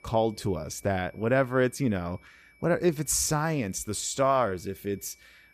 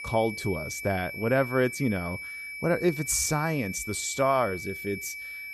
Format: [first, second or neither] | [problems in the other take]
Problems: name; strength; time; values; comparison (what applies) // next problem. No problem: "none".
first | high-pitched whine; loud; throughout; 2.5 kHz, 8 dB below the speech; faint in the first